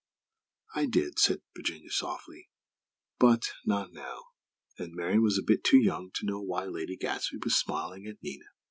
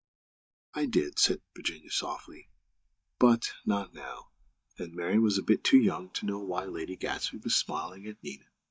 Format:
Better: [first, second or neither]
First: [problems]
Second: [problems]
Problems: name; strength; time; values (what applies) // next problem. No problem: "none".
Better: first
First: none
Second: noise reduction (neural mask model DeepFilterNet 3)